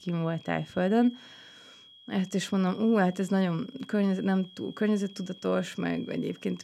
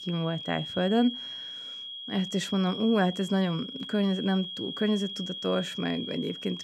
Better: first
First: high-pitched whine; faint; throughout; 3.5 kHz, 20 dB below the speech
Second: high-pitched whine; loud; throughout; 3.5 kHz, 8 dB below the speech

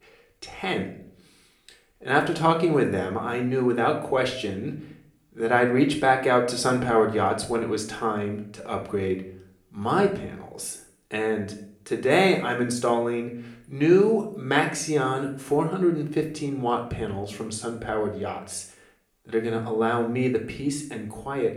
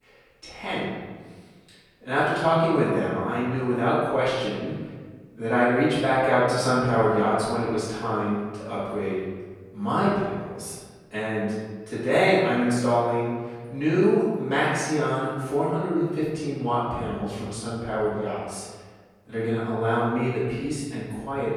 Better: first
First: room echo; slight; dies away in 0.5 s // off-mic speech; somewhat distant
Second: room echo; strong; dies away in 1.4 s // off-mic speech; far

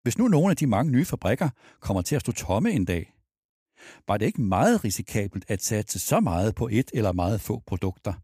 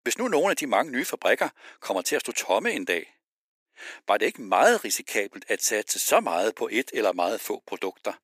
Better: first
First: none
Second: thin; very; fading below 350 Hz

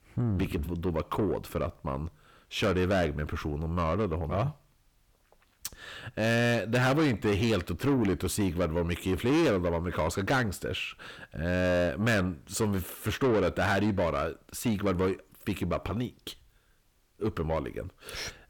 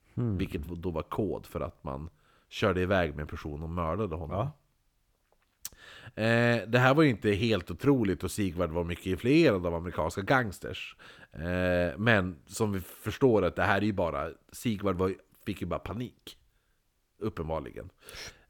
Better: second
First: distortion; heavy; 7 dB below the speech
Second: none

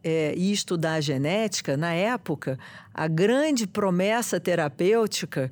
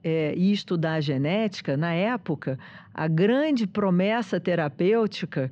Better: first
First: none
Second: muffled; slightly; fading above 4 kHz

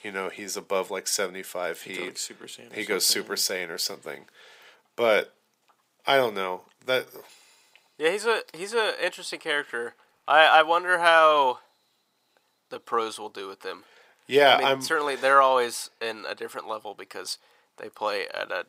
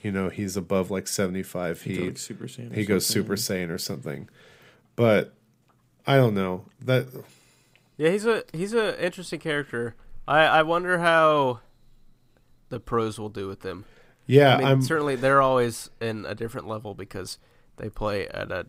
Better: second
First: thin; very; fading below 500 Hz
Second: none

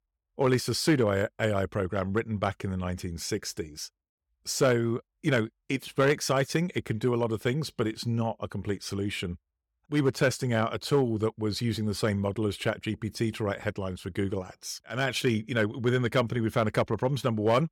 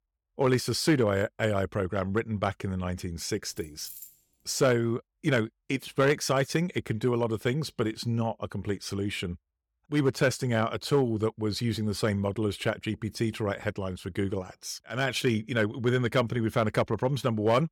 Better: first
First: none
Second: jangling keys; faint; at 3.5 s; peak 15 dB below the speech

